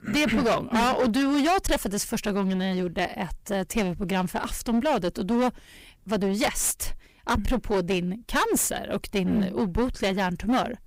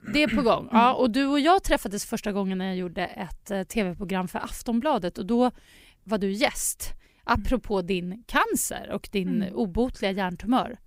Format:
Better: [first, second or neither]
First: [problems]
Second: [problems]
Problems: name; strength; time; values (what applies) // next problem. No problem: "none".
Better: second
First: distortion; heavy; 15% of the sound clipped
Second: none